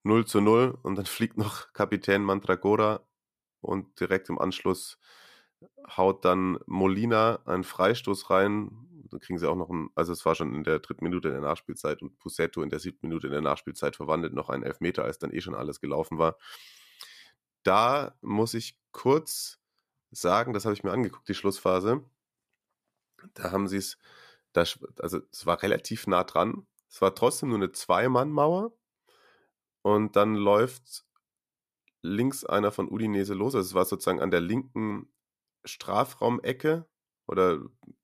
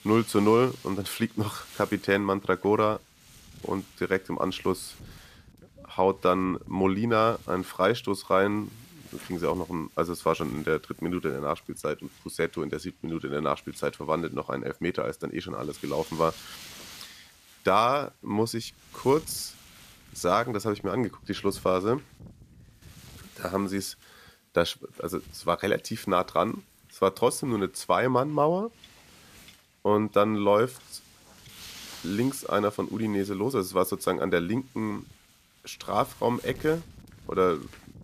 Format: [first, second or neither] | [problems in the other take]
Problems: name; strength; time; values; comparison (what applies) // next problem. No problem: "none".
first | wind noise on the microphone; occasional gusts; 25 dB below the speech